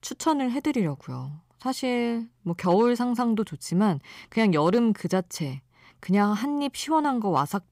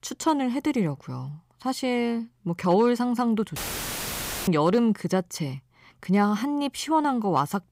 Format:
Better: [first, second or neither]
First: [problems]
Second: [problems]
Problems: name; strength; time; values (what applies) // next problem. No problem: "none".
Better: first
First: none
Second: audio cutting out; filled with static; at 3.5 s for 1 s